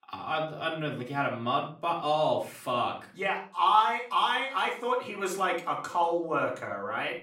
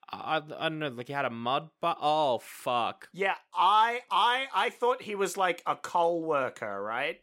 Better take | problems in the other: second | off-mic speech; far // room echo; slight; dies away in 0.4 s

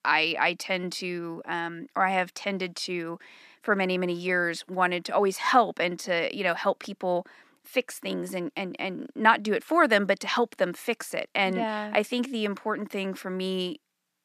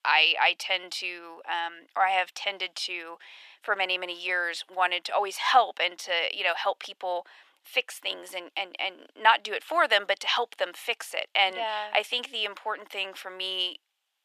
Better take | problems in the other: first | thin; very; fading below 500 Hz

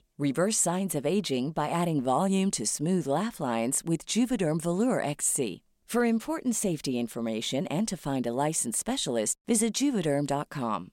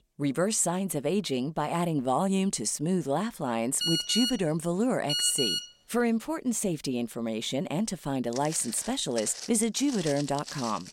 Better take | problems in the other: first | phone ringing; loud; from 4 to 5.5 s; peak 2 dB above the speech // footsteps; noticeable; from 8.5 s on; peak 9 dB below the speech

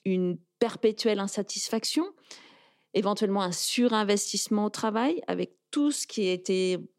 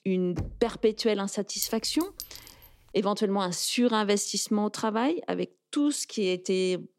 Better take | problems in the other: first | door banging; noticeable; at 0.5 s; peak 10 dB below the speech // clattering dishes; noticeable; at 1.5 s; peak 8 dB below the speech

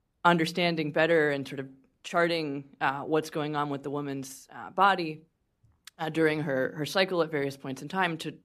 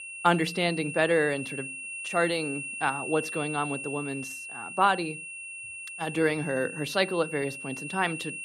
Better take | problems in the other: first | high-pitched whine; loud; throughout; 2.5 kHz, 8 dB below the speech

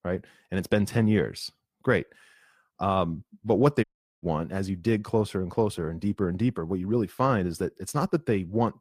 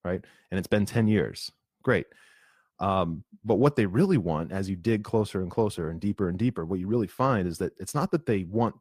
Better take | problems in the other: second | audio cutting out; at 4 s

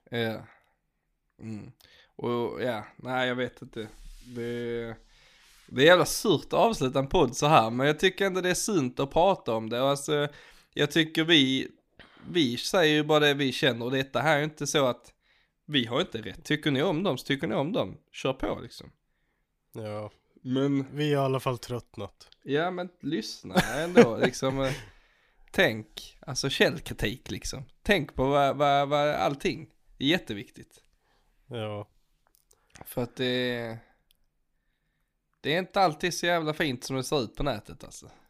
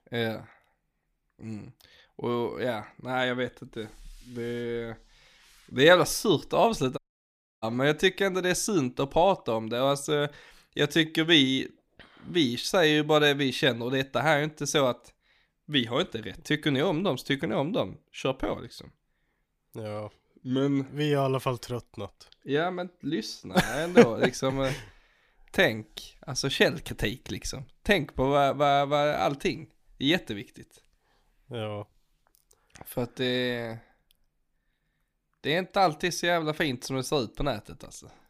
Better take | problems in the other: first | audio cutting out; at 7 s for 0.5 s

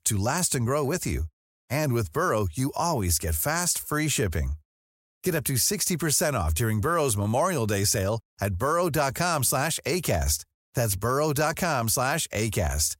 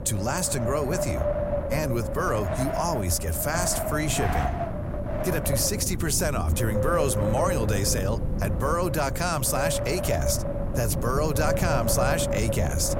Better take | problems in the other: first | wind noise on the microphone; heavy; 3 dB below the speech

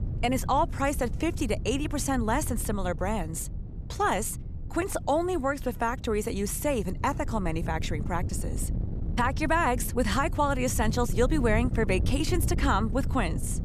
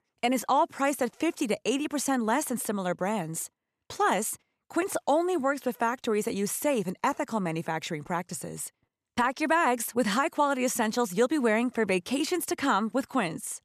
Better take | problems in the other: second | wind noise on the microphone; occasional gusts; 15 dB below the speech

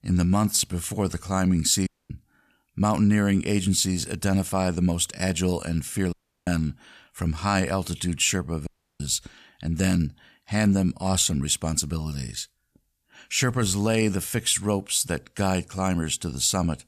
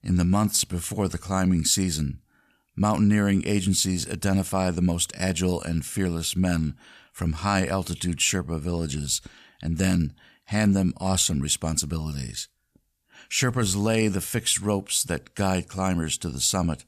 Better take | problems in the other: second | audio cutting out; at 2 s, at 6 s and at 8.5 s

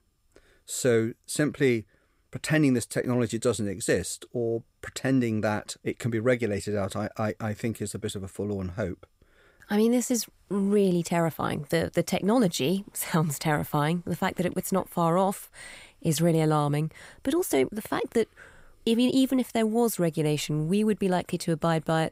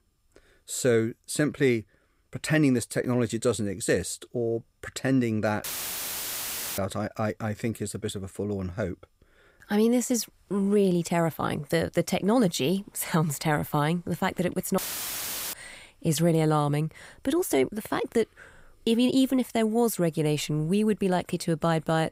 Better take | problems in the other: first | audio cutting out; filled with static; at 5.5 s for 1 s and at 15 s for 1 s

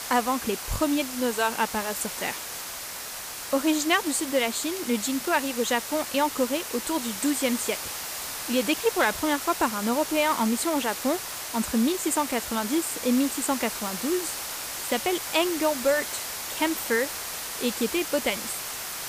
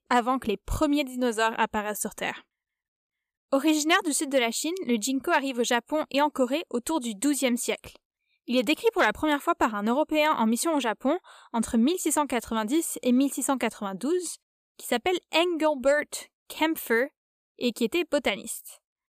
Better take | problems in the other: second | hiss; loud; throughout; 5 dB below the speech

